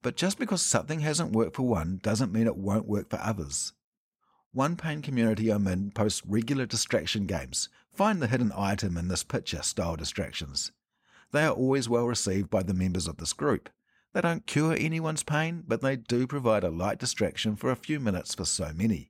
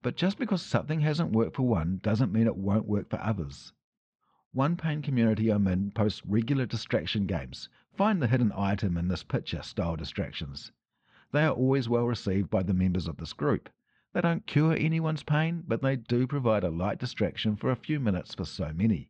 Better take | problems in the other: first | muffled; slightly; fading above 4 kHz

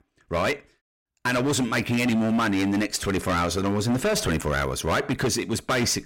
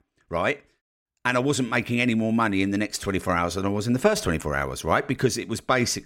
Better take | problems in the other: second | distortion; heavy; 18% of the sound clipped

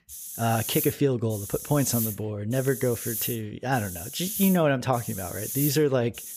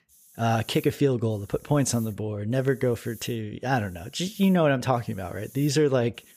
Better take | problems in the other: second | hiss; loud; throughout; 6 dB below the speech; faint in the second

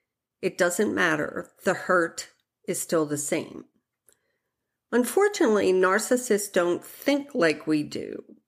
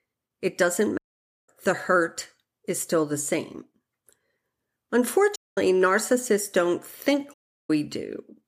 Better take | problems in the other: first | audio cutting out; at 1 s for 0.5 s, at 5.5 s and at 7.5 s

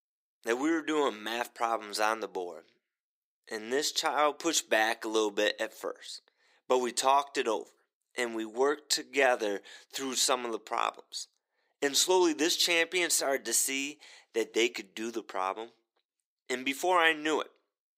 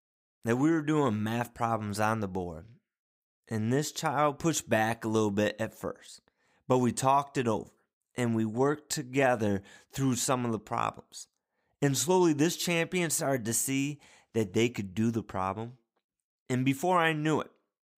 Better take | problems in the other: second | thin; somewhat; fading below 350 Hz

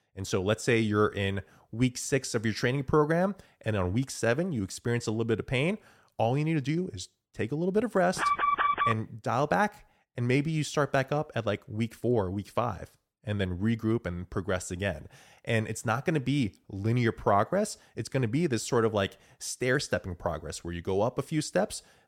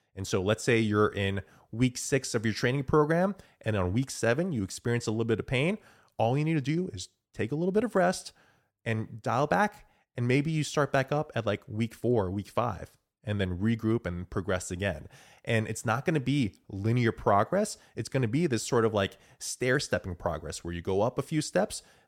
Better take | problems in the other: second | alarm; loud; at 8 s; peak 4 dB above the speech

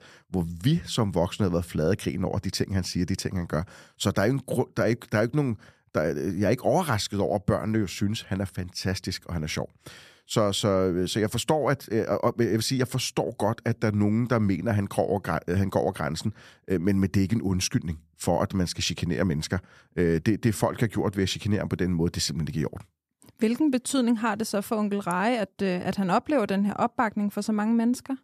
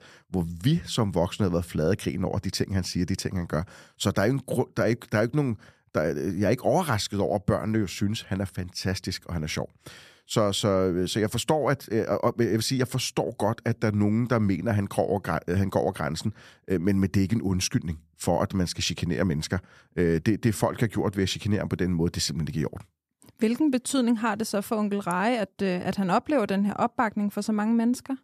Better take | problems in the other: neither | none

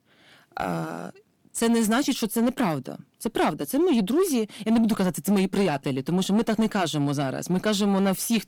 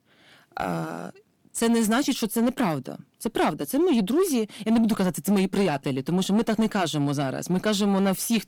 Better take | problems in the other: neither | distortion; slight; 10 dB below the speech; the same in both

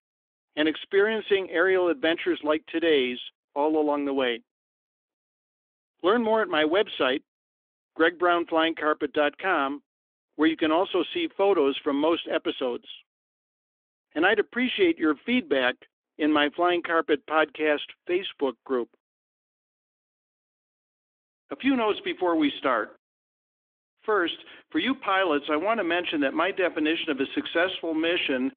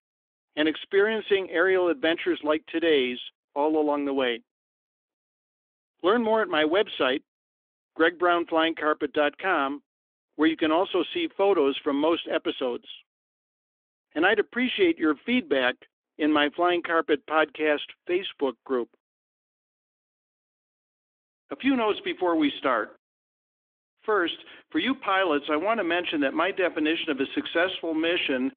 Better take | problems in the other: neither | phone-call audio; nothing above 3.5 kHz; the same in both

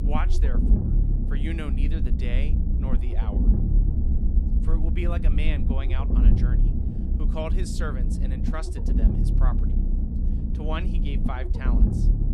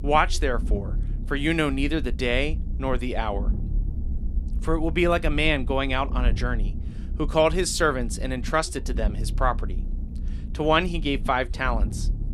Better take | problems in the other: second | low rumble; loud; throughout; 1 dB below the speech; faint in the second

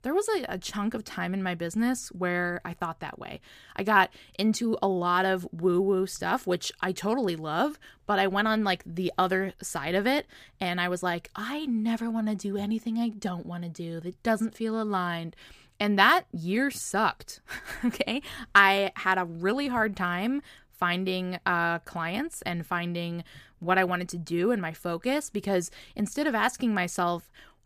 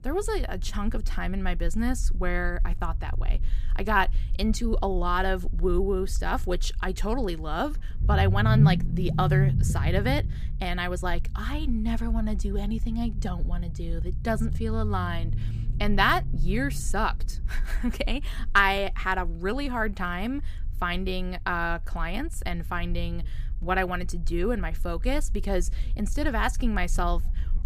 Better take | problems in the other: first | low rumble; noticeable; throughout; 15 dB below the speech

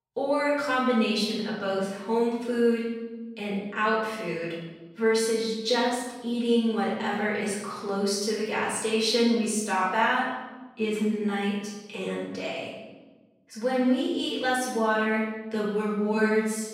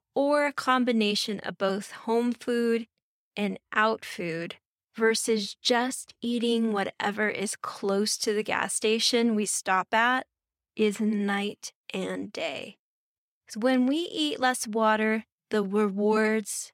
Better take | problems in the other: second | off-mic speech; far // room echo; noticeable; dies away in 1.1 s

